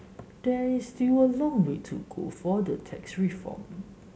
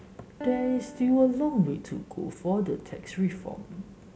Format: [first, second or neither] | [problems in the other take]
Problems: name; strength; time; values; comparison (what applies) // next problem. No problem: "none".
first | background sound (Piano); 17 dB below the speech